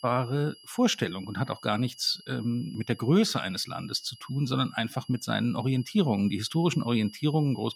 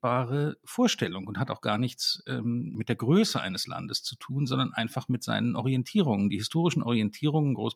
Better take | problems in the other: second | high-pitched whine; faint; throughout; 5 kHz, 20 dB below the speech

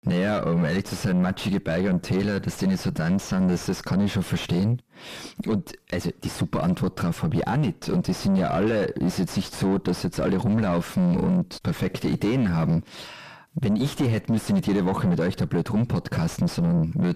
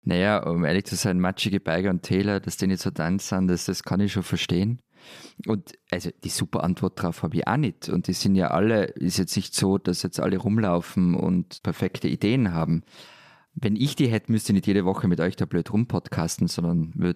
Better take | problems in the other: second | distortion; heavy; 5 dB below the speech

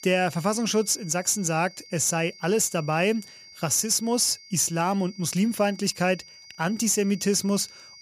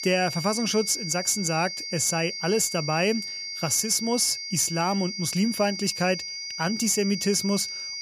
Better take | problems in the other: first | high-pitched whine; loud; throughout; 4.5 kHz, 6 dB below the speech; faint in the first

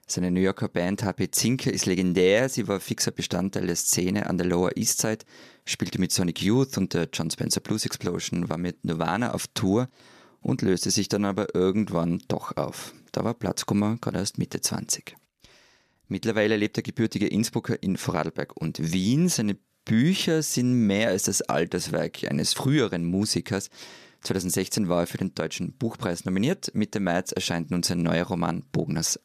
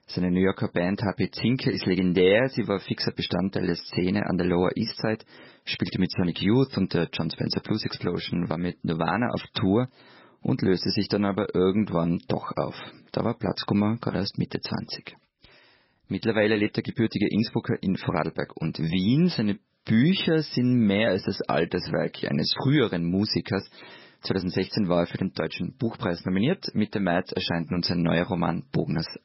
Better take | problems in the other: first | garbled, watery; badly; nothing above 5.5 kHz

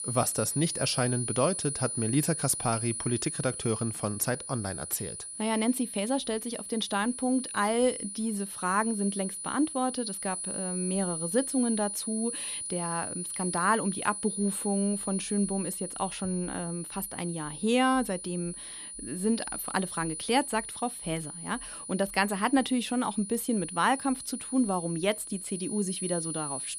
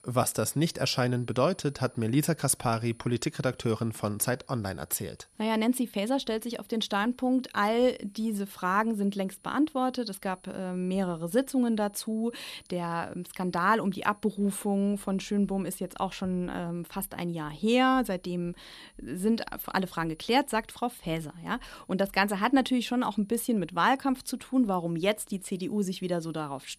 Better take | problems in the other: second | high-pitched whine; loud; throughout; 10 kHz, 5 dB below the speech; faint in the second

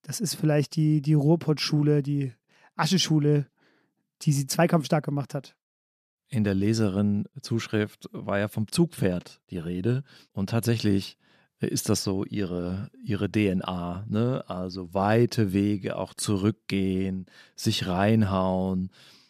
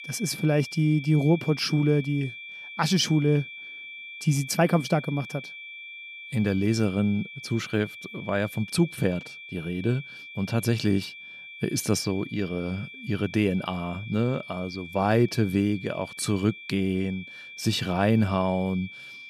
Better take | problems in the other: first | high-pitched whine; noticeable; throughout; 2.5 kHz, 15 dB below the speech

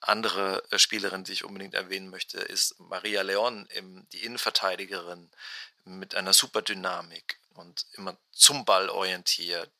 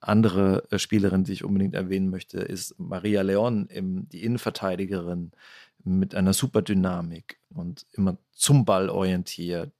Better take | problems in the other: second | thin; very; fading below 850 Hz

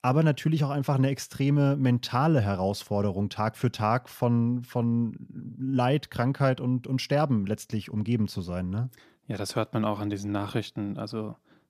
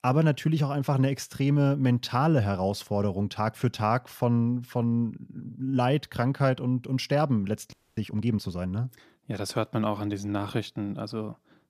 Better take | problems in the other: first | audio freezing; at 7.5 s

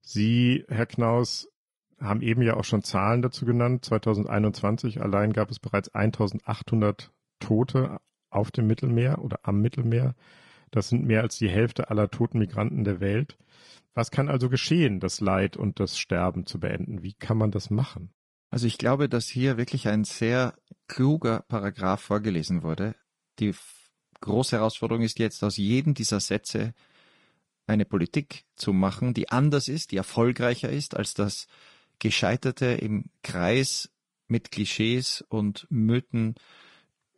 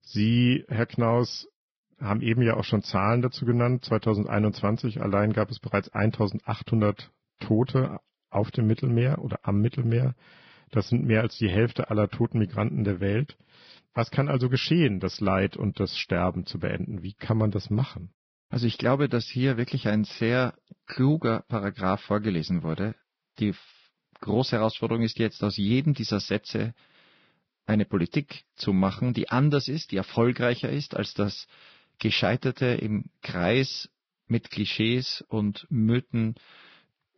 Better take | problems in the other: first | garbled, watery; badly; nothing above 5.5 kHz; slightly in the first

